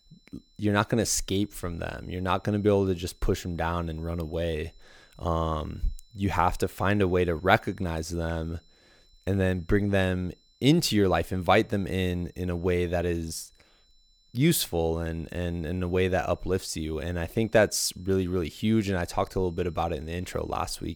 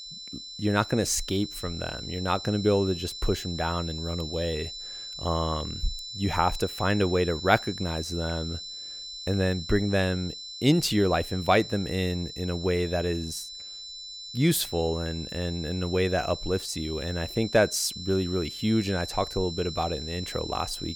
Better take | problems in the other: first | high-pitched whine; loud; throughout; 4 kHz, 9 dB below the speech; faint in the first

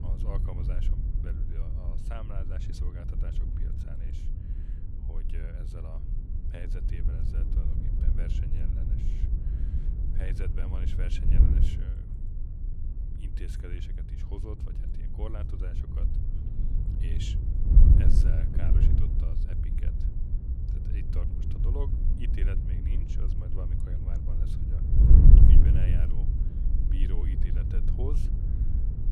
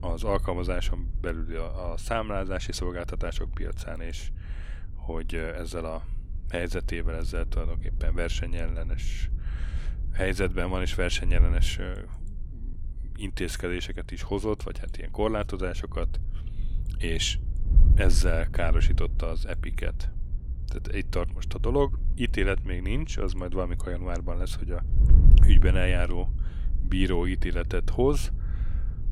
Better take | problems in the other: second | wind noise on the microphone; heavy; 3 dB above the speech; occasional gusts in the second

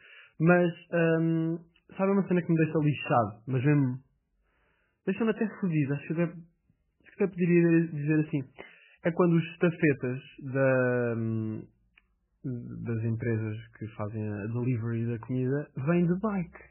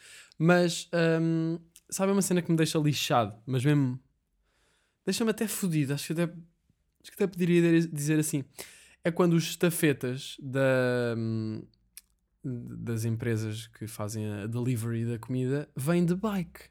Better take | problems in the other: second | garbled, watery; badly; nothing above 3 kHz

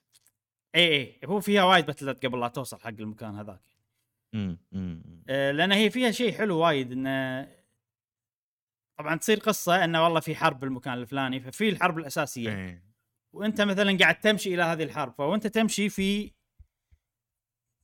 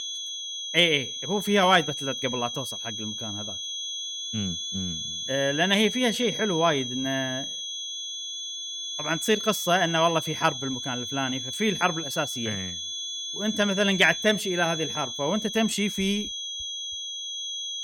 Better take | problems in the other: first | high-pitched whine; loud; throughout; 3.5 kHz, 5 dB below the speech

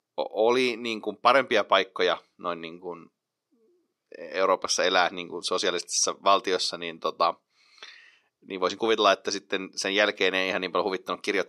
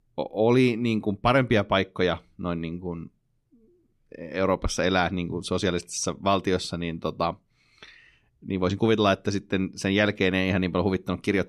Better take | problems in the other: second | thin; somewhat; fading below 500 Hz

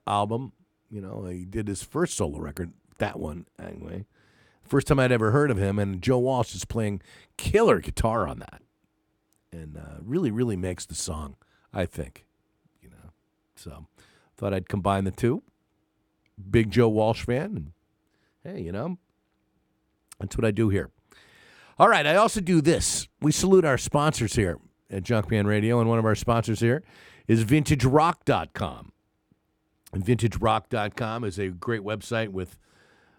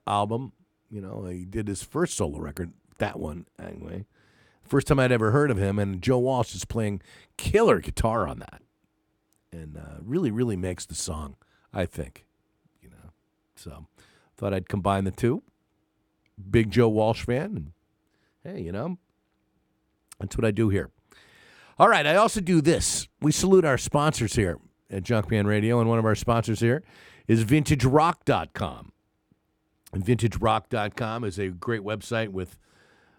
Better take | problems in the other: neither | none

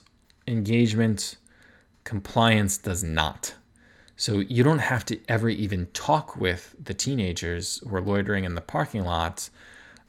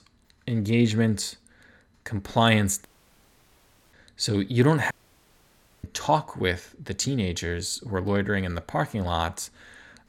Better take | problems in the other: first | audio cutting out; at 3 s for 1 s and at 5 s for 1 s

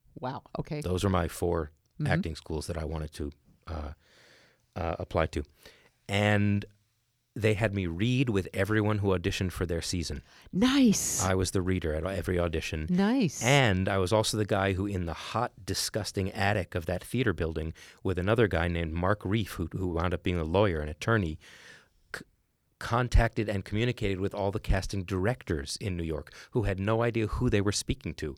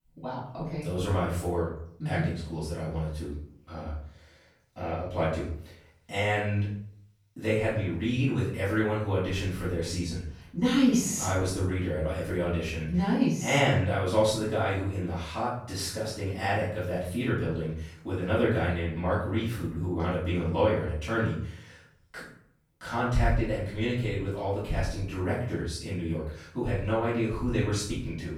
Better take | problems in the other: first | off-mic speech; far // room echo; noticeable; dies away in 0.5 s

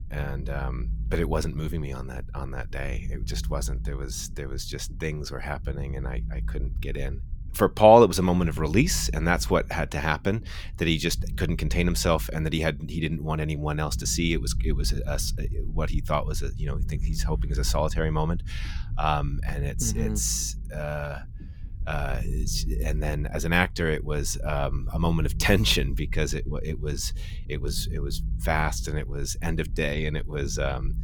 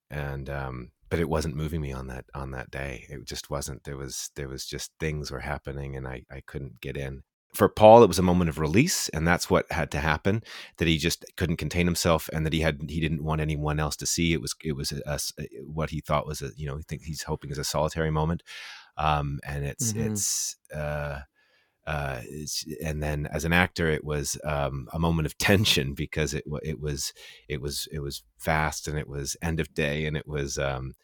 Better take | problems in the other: second | low rumble; faint; throughout; 25 dB below the speech

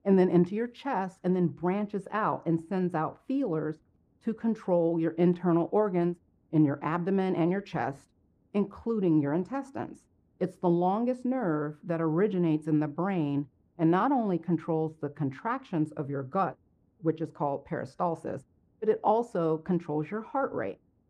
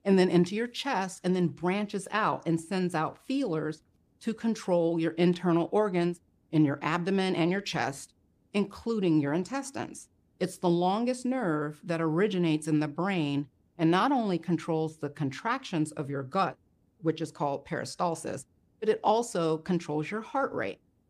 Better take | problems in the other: second | muffled; very; fading above 2.5 kHz

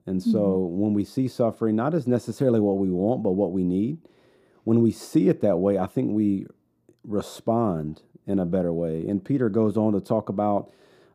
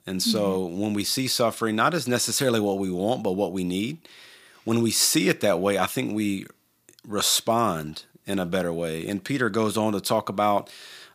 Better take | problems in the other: second | muffled; very; fading above 1 kHz

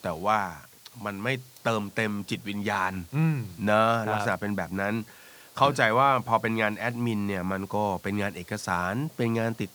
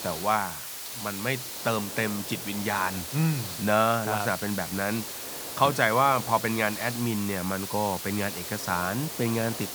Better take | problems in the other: first | hiss; loud; throughout; 7 dB below the speech; faint in the first

